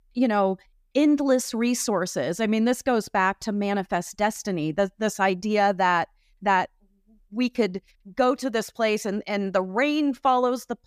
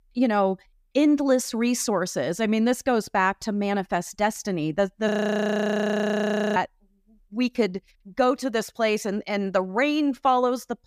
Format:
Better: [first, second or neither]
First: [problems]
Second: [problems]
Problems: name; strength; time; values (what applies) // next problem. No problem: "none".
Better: first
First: none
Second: audio freezing; at 5 s for 1.5 s